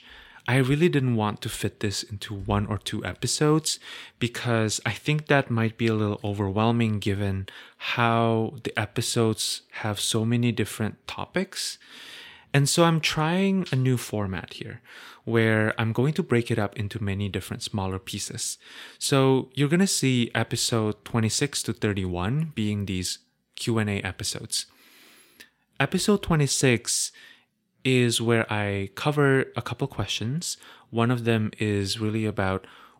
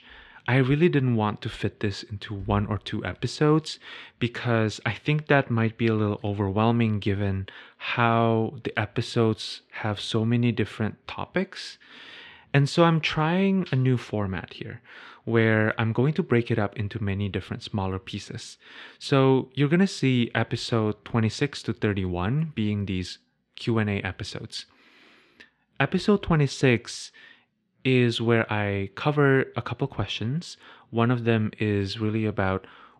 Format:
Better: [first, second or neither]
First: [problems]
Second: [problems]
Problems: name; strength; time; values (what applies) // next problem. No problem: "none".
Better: first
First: none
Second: muffled; slightly; fading above 3.5 kHz